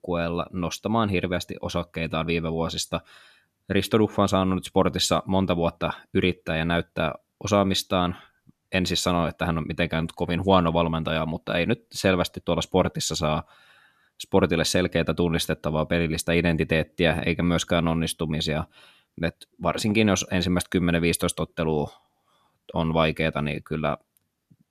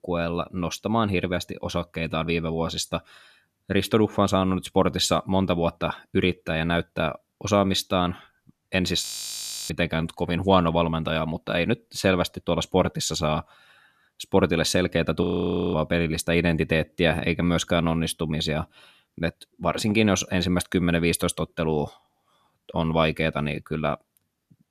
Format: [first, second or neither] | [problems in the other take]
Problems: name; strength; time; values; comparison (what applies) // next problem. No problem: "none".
first | audio freezing; at 9 s for 0.5 s and at 15 s for 0.5 s